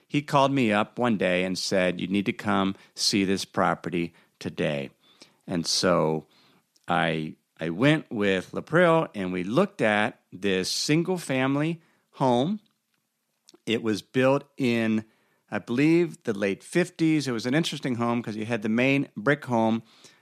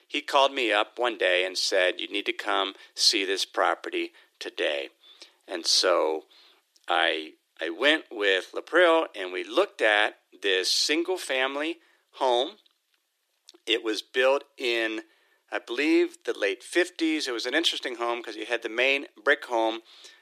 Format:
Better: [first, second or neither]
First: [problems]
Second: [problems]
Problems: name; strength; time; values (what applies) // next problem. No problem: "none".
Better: first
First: none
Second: thin; very; fading below 350 Hz